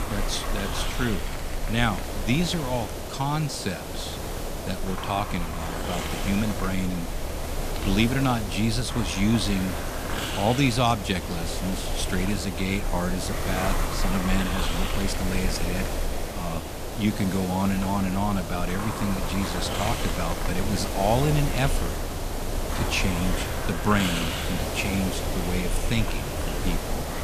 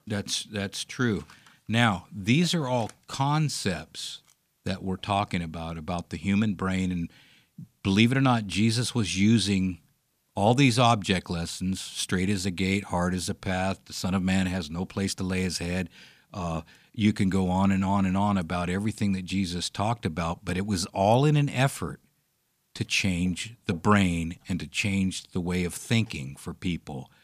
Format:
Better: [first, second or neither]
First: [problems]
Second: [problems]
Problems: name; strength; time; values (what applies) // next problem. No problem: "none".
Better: second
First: hiss; loud; throughout; 3 dB below the speech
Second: none